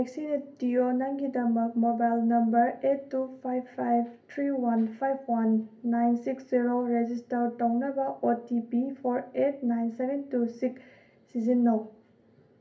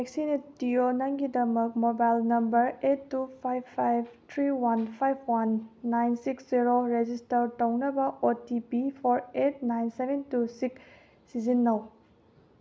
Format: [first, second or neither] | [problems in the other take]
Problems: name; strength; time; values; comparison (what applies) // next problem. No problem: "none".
second | room echo; dies away in 0.3 s